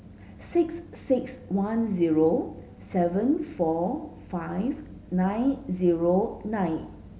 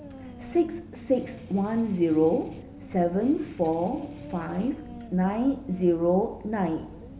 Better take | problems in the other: first | background sound (Strum + Dog); 18 dB below the speech

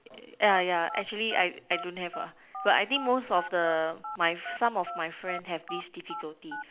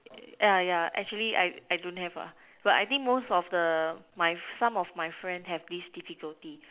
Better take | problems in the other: second | background sound (Telephone); 12 dB below the speech

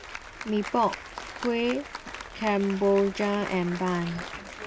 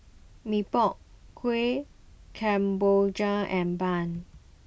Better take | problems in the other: second | background sound (Applause); 12 dB below the speech

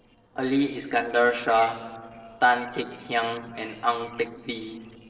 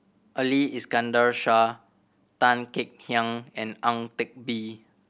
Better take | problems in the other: second | noise reduction (neural separator model SepFormer DNS4)

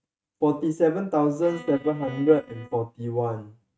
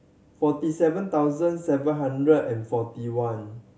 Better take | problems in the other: second | noise reduction (neural mask model RNNoise)

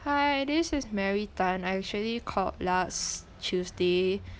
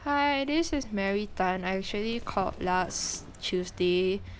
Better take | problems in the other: first | background sound (Livestock, farm animals, working animals); 15 dB below the speech

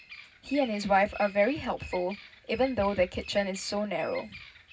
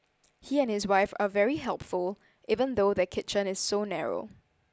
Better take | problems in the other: second | background sound (Bird vocalization, bird call, bird song); 17 dB below the speech // room echo; dies away in 0.4 s

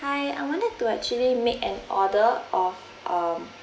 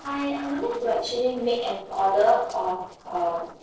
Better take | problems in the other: first | noise reduction (neural separator model SepFormer DNS4)

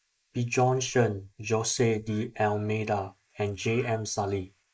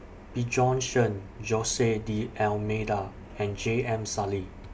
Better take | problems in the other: second | noise reduction (neural mask model Resemble Enhance denoiser)

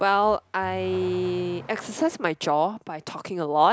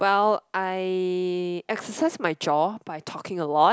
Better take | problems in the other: second | background sound (Accelerating, revving, vroom / Car); 19 dB below the speech

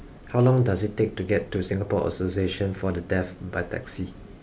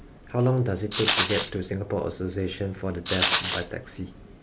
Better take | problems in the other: first | background sound (Rattle); 1 dB above the speech

